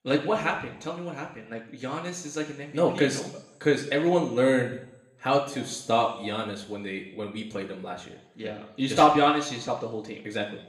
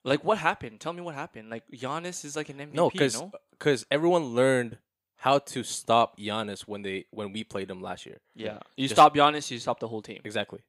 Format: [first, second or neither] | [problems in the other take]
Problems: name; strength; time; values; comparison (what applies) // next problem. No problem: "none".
second | room echo; slight; dies away in 0.8 s // off-mic speech; somewhat distant